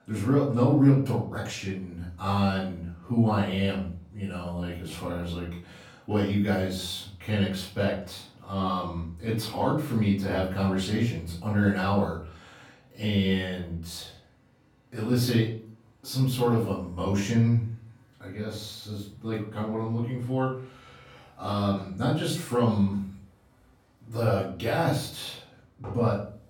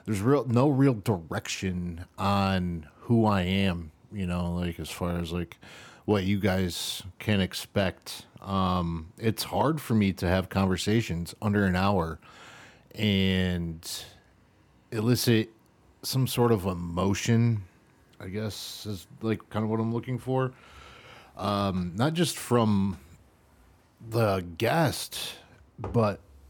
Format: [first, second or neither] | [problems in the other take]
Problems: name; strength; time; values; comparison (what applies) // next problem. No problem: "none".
second | off-mic speech; far // room echo; noticeable; dies away in 0.4 s